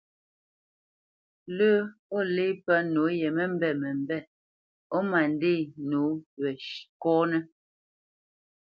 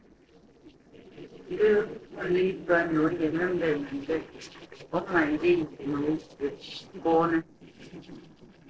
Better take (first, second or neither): first